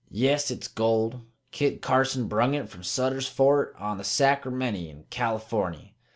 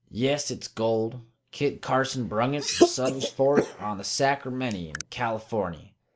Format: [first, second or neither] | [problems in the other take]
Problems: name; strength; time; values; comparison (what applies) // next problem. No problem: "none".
first | noise reduction (neural mask model Resemble Enhance denoiser)